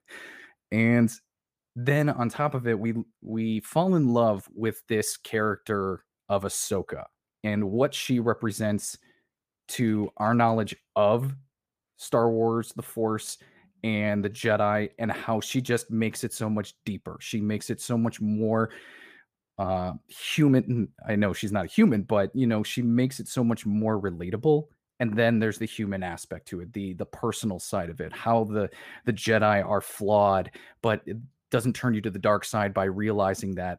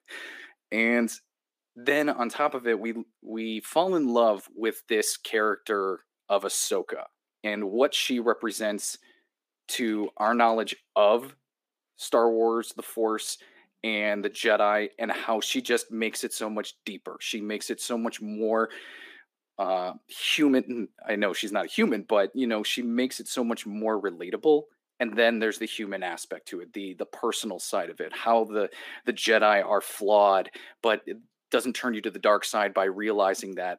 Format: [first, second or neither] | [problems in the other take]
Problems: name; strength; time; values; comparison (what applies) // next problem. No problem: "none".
first | thin; somewhat; fading below 250 Hz